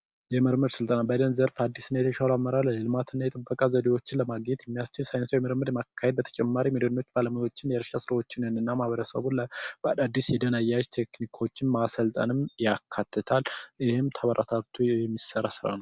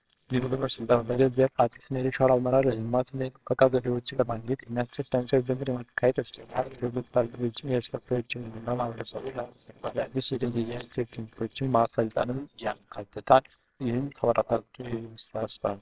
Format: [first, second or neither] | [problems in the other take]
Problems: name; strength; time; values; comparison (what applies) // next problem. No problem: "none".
first | noise reduction (neural separator model SepFormer WHAMR!)